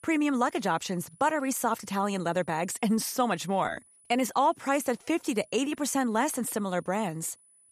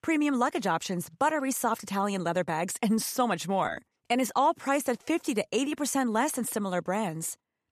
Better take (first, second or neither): second